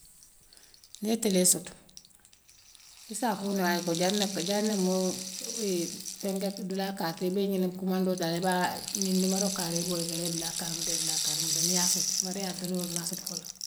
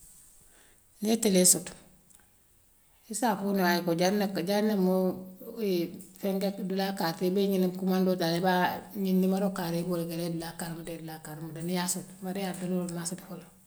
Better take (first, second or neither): second